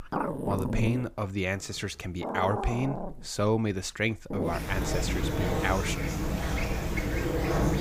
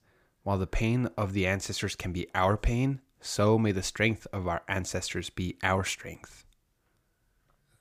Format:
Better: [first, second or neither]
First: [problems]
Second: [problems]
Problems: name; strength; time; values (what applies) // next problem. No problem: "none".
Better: second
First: animal sounds; loud; throughout; as loud as the speech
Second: none